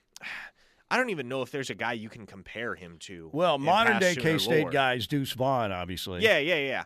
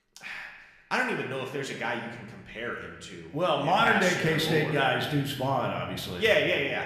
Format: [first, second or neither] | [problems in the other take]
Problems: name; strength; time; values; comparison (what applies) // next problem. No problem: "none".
first | room echo; slight; dies away in 1 s // off-mic speech; somewhat distant